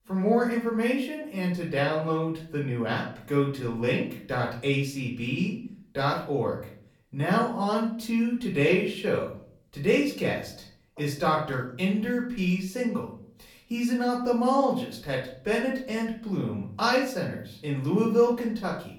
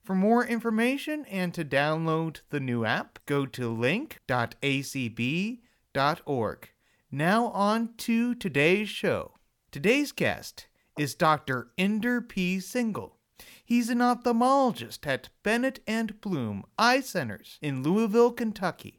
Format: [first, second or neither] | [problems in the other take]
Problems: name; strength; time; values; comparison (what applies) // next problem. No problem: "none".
second | off-mic speech; far // room echo; slight; dies away in 0.5 s